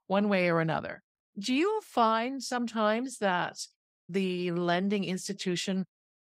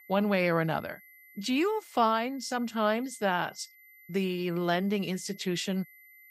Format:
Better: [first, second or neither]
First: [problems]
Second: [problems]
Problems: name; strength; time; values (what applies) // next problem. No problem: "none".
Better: first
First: none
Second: high-pitched whine; faint; throughout; 2 kHz, 25 dB below the speech